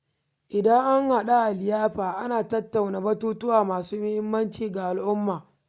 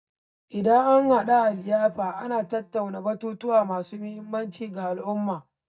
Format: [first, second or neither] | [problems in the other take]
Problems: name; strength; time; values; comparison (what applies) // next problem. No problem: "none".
first | noise reduction (neural mask model DeepFilterNet 3)